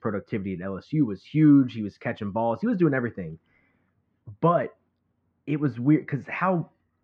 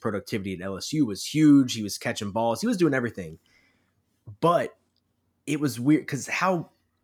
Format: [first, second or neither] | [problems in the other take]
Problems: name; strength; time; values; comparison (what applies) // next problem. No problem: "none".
second | muffled; very; fading above 2 kHz